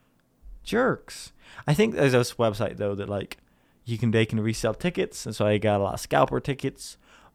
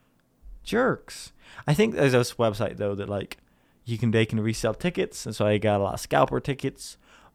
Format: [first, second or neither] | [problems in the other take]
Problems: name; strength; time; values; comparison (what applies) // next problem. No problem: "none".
neither | none